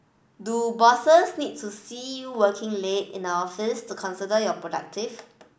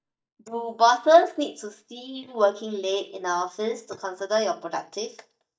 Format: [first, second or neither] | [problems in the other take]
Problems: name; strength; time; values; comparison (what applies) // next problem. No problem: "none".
first | noise reduction (neural mask model DeepFilterNet 3)